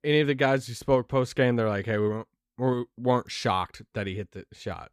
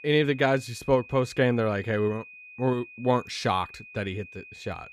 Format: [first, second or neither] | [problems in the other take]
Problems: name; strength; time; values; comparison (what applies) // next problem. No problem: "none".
first | high-pitched whine; noticeable; throughout; 2.5 kHz, 20 dB below the speech